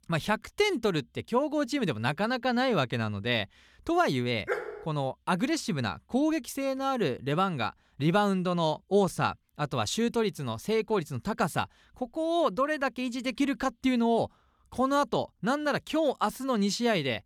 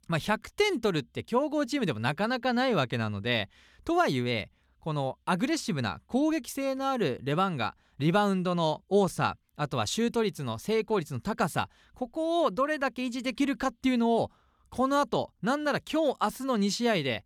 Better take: second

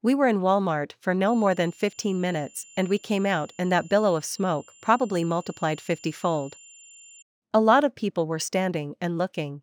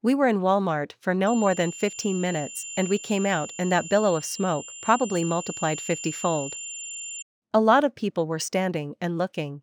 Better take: first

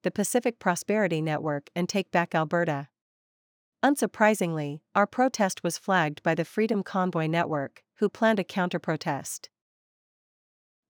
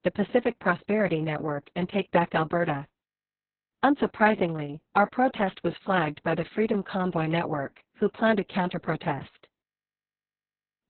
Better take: first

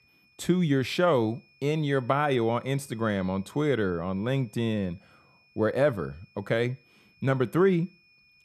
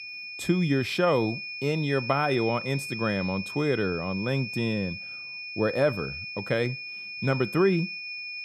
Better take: first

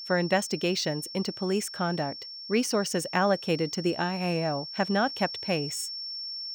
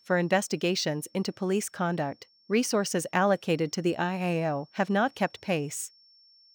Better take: second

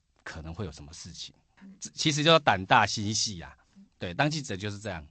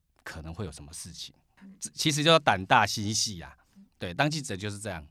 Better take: second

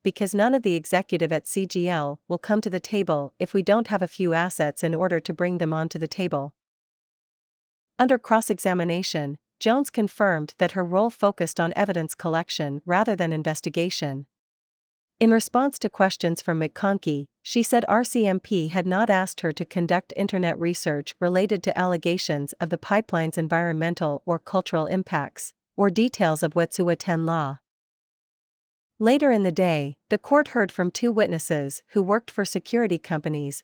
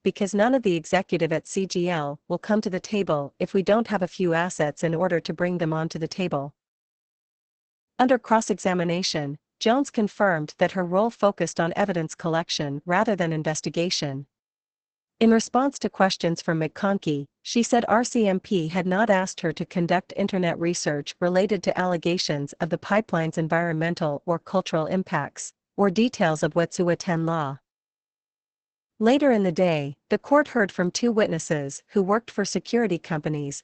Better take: first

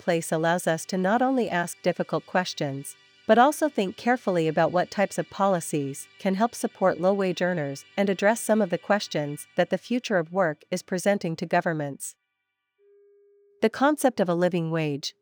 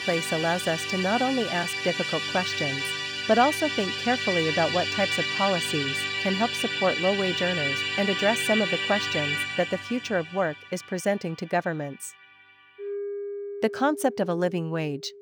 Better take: first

